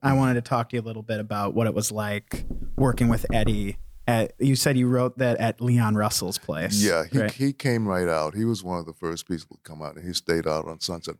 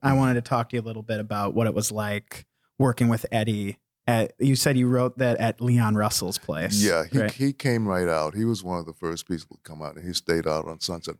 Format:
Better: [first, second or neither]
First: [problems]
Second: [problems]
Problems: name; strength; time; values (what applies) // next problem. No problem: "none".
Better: second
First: door banging; noticeable; from 2.5 to 4 s; peak 7 dB below the speech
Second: none